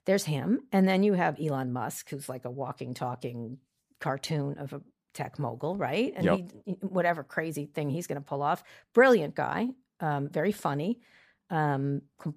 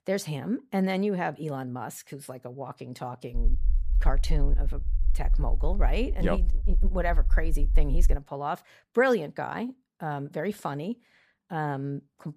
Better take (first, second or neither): first